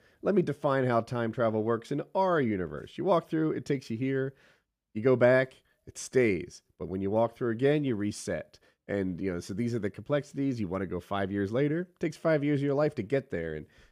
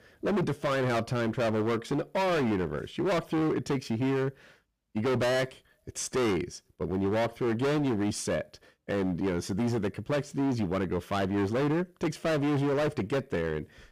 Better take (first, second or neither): first